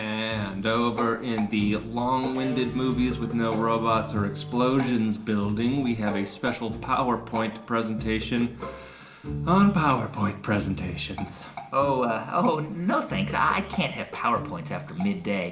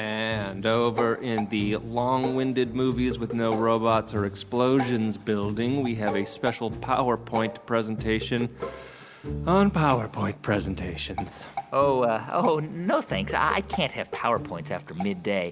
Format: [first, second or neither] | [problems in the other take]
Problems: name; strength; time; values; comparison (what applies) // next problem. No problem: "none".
second | background sound (Electric guitar); 11 dB below the speech // room echo; dies away in 0.4 s